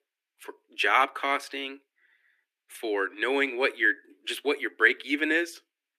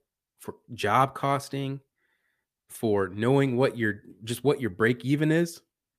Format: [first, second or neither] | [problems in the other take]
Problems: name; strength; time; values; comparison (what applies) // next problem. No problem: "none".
second | thin; somewhat; fading below 300 Hz